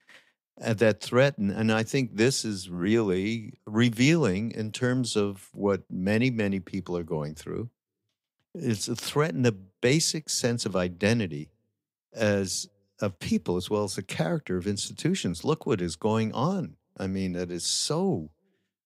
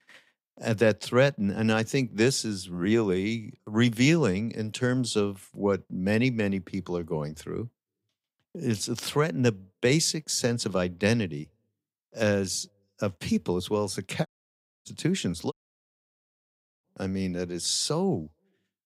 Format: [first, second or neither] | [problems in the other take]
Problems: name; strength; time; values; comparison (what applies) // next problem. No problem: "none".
first | audio cutting out; at 14 s for 0.5 s and at 16 s for 1.5 s